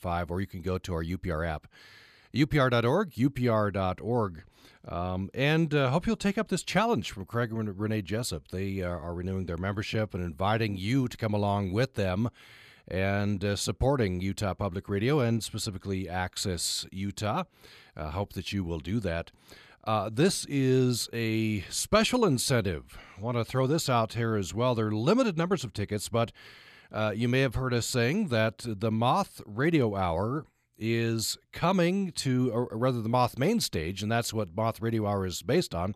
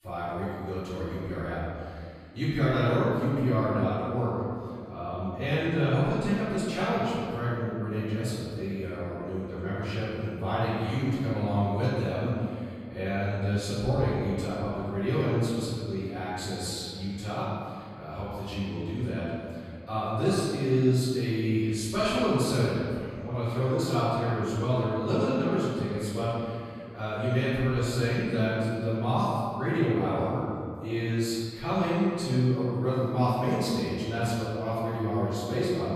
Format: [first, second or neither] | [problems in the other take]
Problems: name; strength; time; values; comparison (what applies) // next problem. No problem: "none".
first | off-mic speech; far // room echo; strong; dies away in 2.1 s